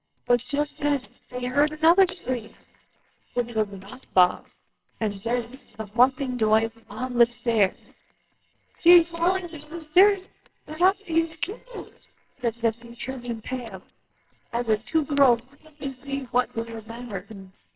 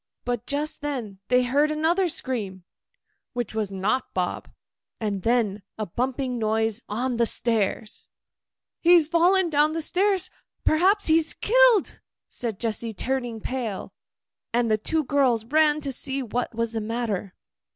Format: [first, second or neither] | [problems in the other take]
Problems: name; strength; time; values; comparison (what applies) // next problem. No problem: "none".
second | noise reduction (neural separator model SepFormer WHAMR!)